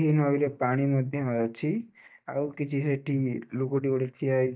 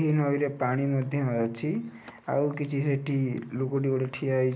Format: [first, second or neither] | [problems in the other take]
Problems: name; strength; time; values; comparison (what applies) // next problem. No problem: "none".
second | noise reduction (neural mask model DeepFilterNet 3)